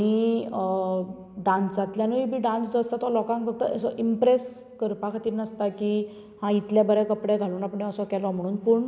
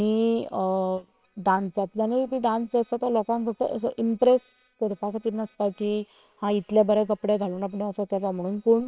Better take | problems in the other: first | noise reduction (neural separator model SepFormer WHAM!)

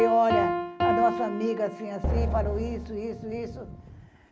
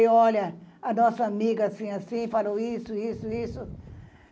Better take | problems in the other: second | background sound (Piano + Drum); 1 dB below the speech

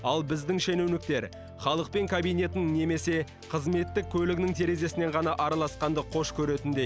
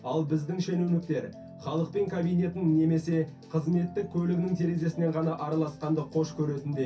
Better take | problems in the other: first | room echo; dies away in 0.3 s

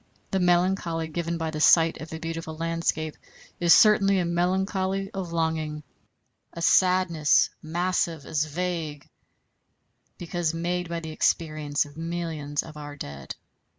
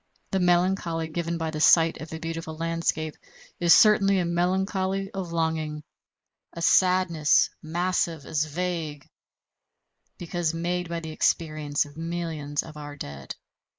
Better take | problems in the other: first | noise reduction (neural mask model Resemble Enhance denoiser)

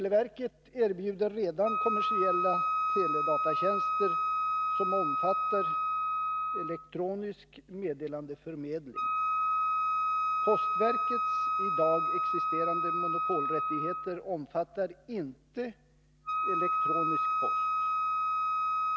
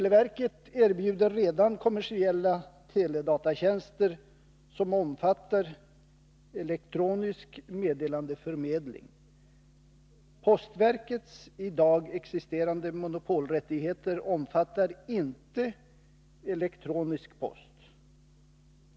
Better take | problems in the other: second | background sound (Wind instrument, woodwind instrument); 4 dB above the speech

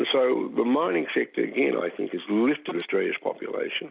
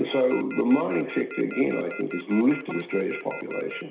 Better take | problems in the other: first | background sound (Telephone); 15 dB below the speech // room echo; dies away in 0.5 s

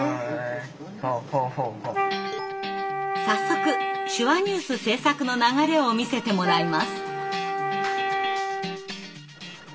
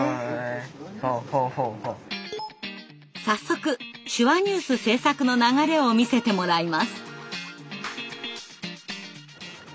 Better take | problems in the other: second | background sound (Wind instrument, woodwind instrument); 2 dB below the speech // room echo; dies away in 2.7 s

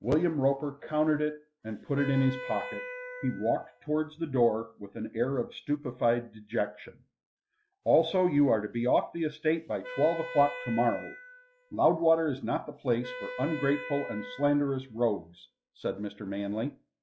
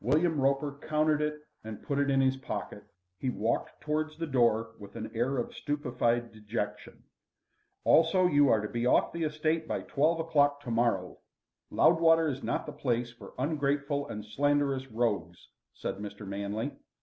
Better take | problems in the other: second | noise reduction (classical method log-MMSE)

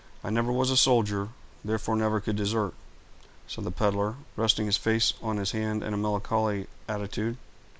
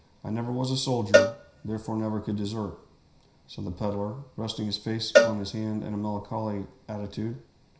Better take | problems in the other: first | background sound (Cowbell); 3 dB above the speech // room echo; dies away in 0.5 s

